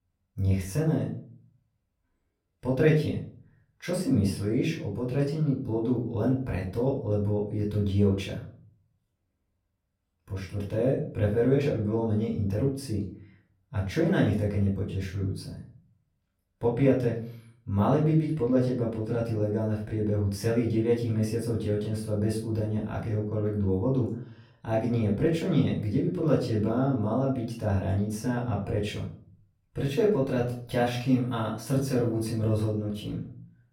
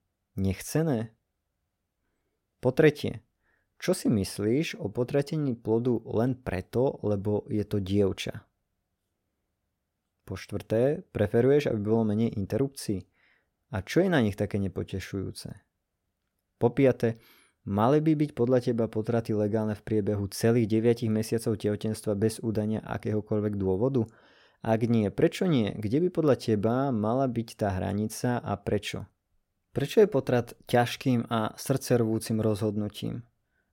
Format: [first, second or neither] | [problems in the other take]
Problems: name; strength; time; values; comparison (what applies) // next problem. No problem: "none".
second | off-mic speech; far // room echo; slight; dies away in 0.4 s